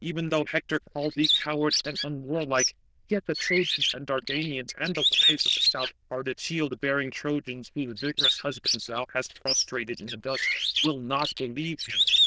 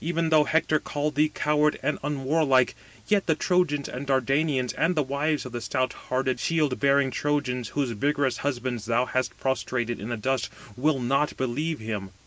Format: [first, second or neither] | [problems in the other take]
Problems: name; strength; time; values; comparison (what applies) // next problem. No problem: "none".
second | noise reduction (neural diffusion model UNIVERSE++)